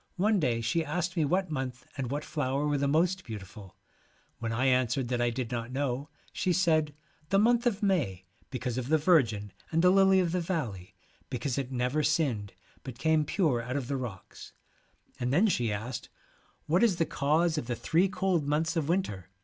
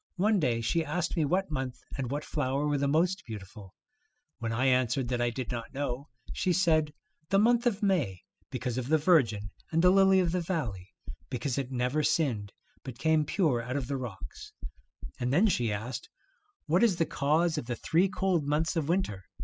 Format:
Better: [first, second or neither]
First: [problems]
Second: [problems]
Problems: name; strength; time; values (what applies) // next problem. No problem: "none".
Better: first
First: none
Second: noise reduction (classical method spectral subtraction)